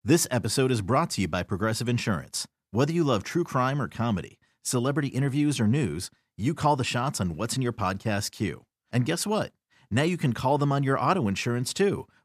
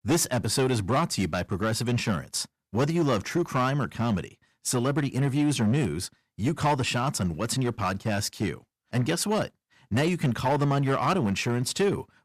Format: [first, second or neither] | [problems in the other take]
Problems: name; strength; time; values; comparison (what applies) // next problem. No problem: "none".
first | distortion; slight; 7% of the sound clipped